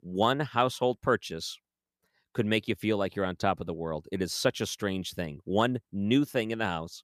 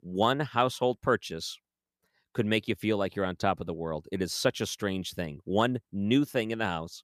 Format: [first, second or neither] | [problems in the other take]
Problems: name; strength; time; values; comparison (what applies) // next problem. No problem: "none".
neither | none